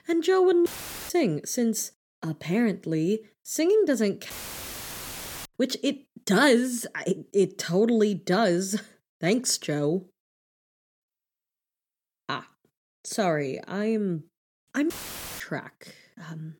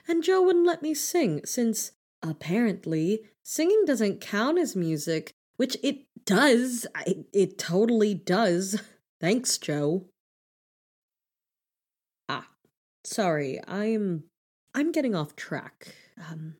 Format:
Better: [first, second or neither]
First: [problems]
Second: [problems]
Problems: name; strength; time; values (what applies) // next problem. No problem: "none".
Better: second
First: audio cutting out; filled with static; at 0.5 s, at 4.5 s for 1 s and at 15 s for 0.5 s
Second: none